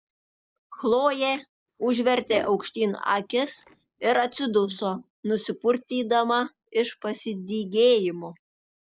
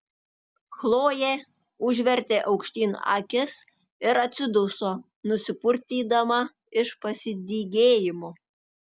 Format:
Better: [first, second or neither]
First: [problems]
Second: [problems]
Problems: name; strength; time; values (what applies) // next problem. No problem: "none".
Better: second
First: noise reduction (neural mask model Resemble Enhance denoiser)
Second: none